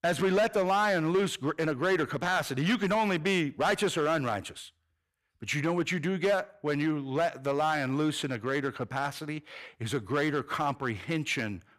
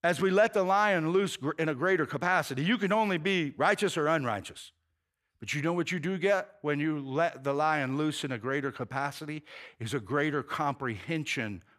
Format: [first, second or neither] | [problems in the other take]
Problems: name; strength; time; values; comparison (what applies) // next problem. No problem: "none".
second | distortion; slight; 6% of the sound clipped